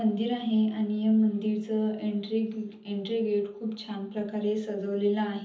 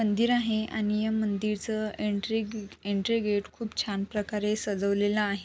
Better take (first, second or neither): second